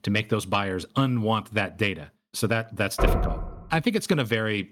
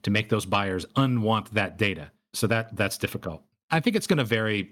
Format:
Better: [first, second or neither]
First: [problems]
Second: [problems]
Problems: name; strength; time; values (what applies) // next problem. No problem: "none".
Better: second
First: door banging; loud; at 3 s; peak 1 dB above the speech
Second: none